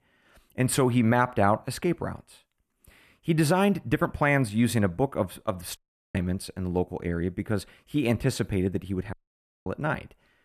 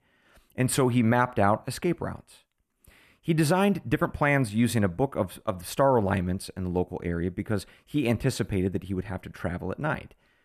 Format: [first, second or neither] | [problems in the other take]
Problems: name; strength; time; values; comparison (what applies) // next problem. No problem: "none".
second | audio cutting out; at 6 s and at 9 s for 0.5 s